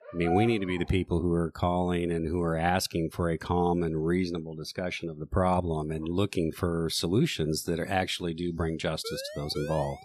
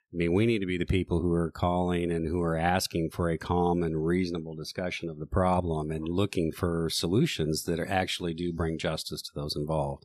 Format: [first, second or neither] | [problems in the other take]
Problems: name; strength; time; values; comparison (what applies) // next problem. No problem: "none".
second | dog barking; noticeable; at the start; peak 4 dB below the speech // siren; faint; from 9 s on; peak 10 dB below the speech